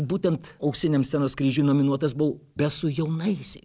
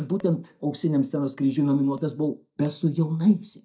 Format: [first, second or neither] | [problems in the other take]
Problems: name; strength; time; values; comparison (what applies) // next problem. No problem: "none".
first | noise reduction (neural mask model DeepFilterNet 3)